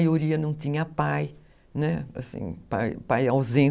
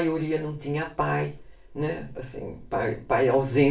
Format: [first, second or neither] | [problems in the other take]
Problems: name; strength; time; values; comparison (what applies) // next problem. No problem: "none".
first | room echo; dies away in 0.3 s